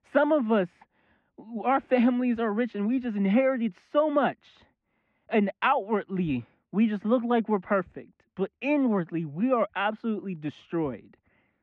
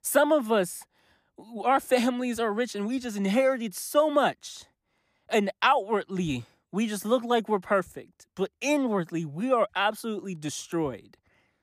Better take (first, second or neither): second